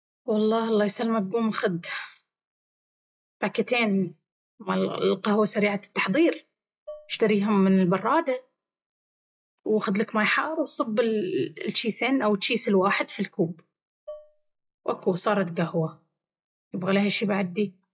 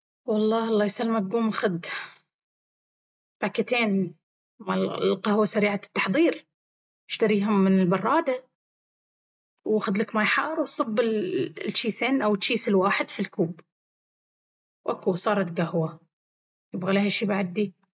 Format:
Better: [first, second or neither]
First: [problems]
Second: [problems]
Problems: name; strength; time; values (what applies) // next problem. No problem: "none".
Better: second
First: noise reduction (classical method log-MMSE)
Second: none